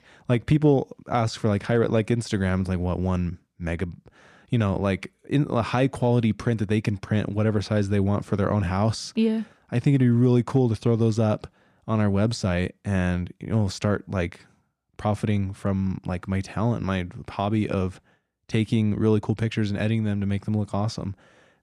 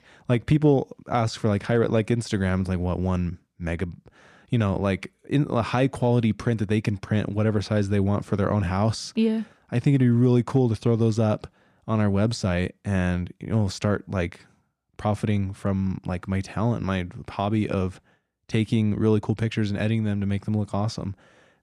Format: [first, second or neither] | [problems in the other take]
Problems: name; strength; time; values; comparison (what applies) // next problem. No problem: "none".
neither | none